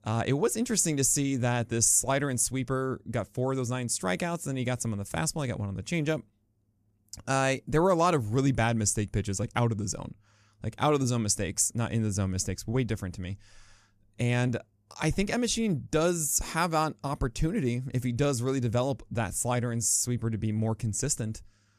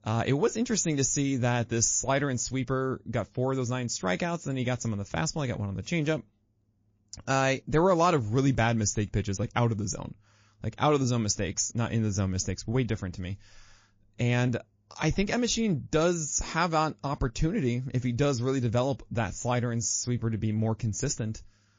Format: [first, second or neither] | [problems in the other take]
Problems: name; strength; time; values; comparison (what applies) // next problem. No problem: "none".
first | garbled, watery; slightly